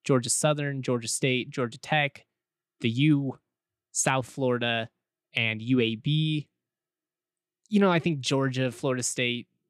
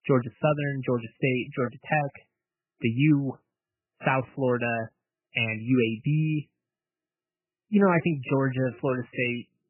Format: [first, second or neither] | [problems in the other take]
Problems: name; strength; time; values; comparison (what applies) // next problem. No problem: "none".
first | garbled, watery; badly; nothing above 3 kHz